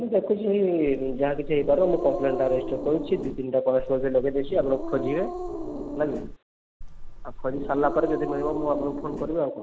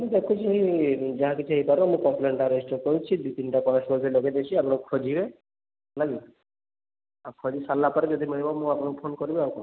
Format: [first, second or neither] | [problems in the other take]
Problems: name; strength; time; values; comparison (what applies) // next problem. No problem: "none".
second | background sound (Growling); 7 dB below the speech